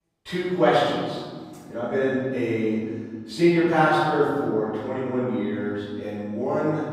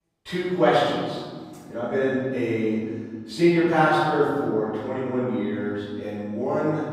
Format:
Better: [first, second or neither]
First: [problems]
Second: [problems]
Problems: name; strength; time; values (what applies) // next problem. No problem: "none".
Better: neither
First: off-mic speech; far // room echo; strong; dies away in 1.8 s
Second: off-mic speech; far // room echo; strong; dies away in 1.8 s